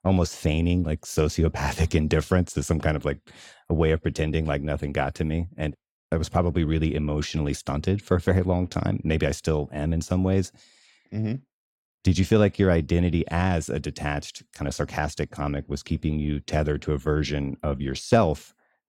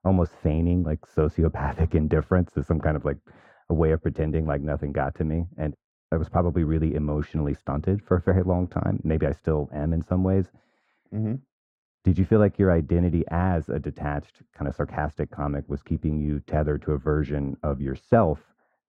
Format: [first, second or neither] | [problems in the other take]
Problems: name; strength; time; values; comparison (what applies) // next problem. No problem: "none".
first | muffled; very; fading above 2.5 kHz